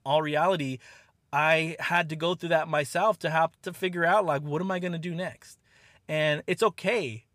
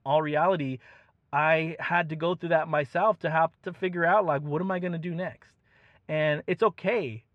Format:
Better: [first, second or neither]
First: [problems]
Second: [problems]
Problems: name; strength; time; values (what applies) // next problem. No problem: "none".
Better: first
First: none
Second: muffled; very; fading above 2 kHz